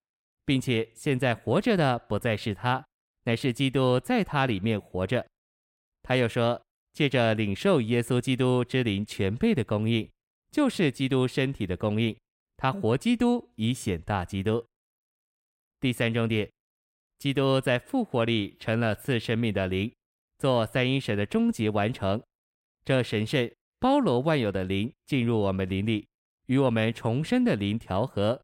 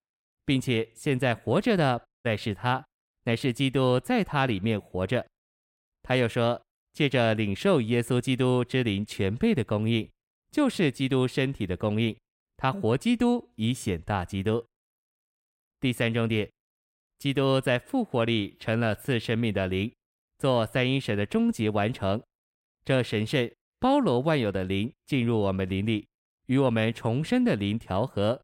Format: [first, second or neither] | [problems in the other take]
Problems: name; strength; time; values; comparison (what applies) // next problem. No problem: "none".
first | audio cutting out; at 2 s